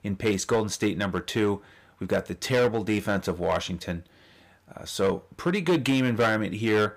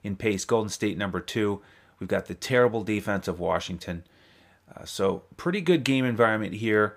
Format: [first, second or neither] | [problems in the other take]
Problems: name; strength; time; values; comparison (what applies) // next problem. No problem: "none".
second | distortion; slight; 5% of the sound clipped